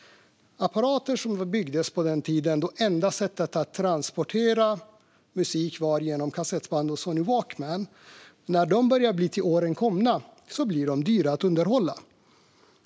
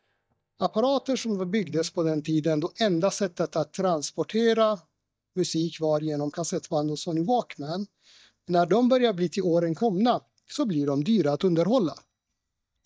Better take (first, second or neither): first